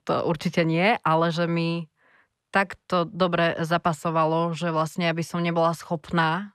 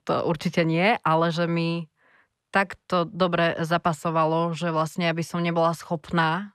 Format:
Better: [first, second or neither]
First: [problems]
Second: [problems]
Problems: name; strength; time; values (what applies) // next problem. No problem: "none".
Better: neither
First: none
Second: none